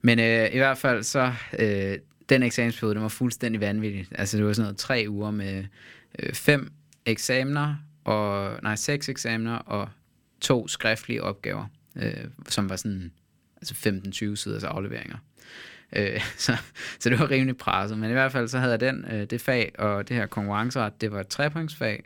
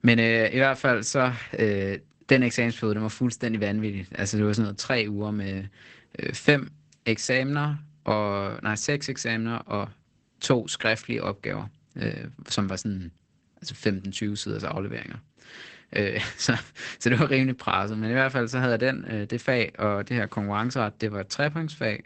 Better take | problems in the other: first | garbled, watery; badly; nothing above 8 kHz

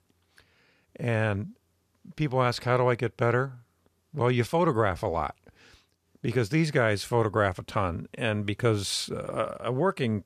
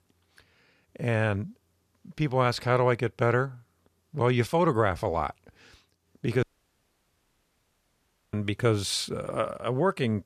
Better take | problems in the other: first | audio cutting out; at 6.5 s for 2 s

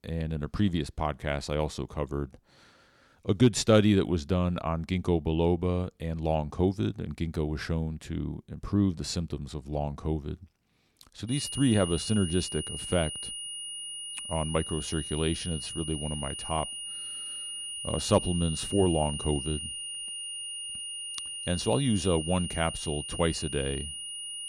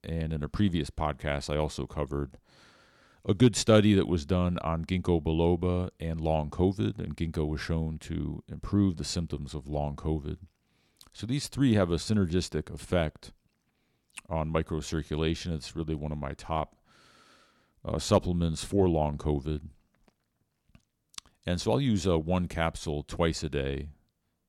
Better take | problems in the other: second | high-pitched whine; loud; from 11 s on; 3 kHz, 6 dB below the speech

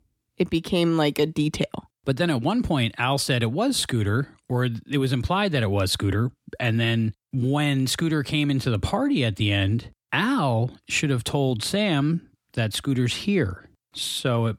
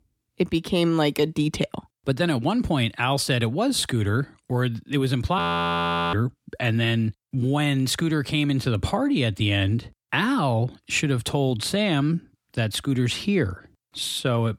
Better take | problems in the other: first | audio freezing; at 5.5 s for 0.5 s

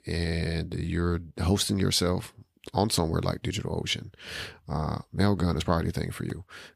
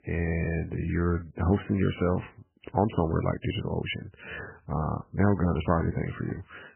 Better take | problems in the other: first | garbled, watery; badly; nothing above 3 kHz

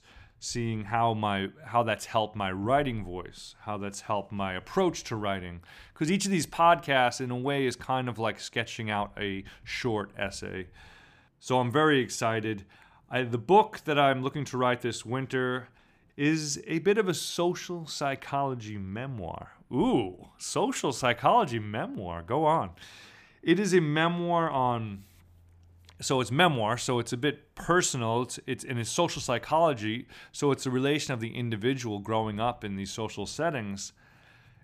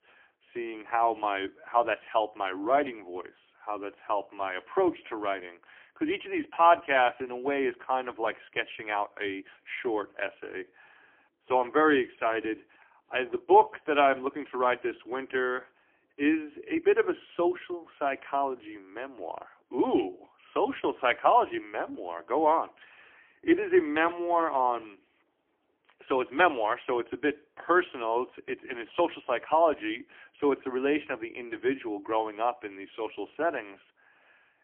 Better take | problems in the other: first | phone-call audio; poor line; nothing above 3.5 kHz

